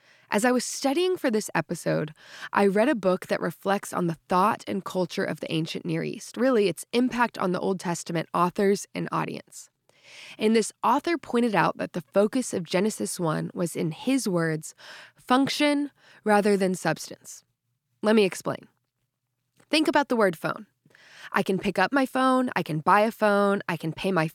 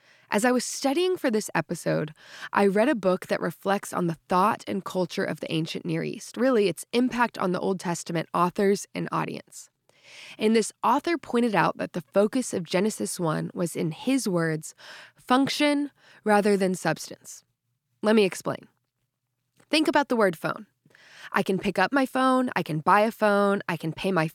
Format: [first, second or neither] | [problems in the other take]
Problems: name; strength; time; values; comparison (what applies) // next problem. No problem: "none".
neither | none